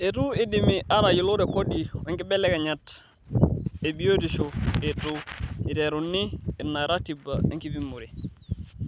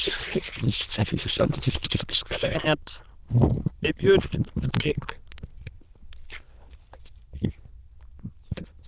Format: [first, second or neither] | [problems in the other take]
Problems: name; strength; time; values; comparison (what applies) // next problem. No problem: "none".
first | noise reduction (neural diffusion model UNIVERSE++)